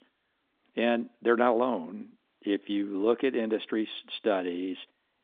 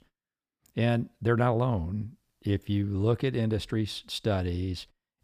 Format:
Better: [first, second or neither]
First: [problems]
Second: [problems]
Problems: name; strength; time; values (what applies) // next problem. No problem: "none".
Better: second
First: phone-call audio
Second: none